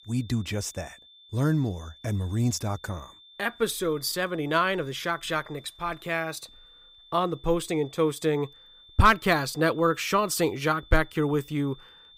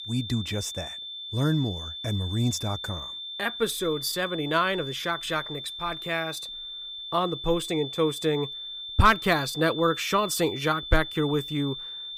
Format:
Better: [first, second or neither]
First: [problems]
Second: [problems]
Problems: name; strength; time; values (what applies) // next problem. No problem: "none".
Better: first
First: high-pitched whine; faint; throughout; 3.5 kHz, 25 dB below the speech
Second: high-pitched whine; loud; throughout; 3.5 kHz, 8 dB below the speech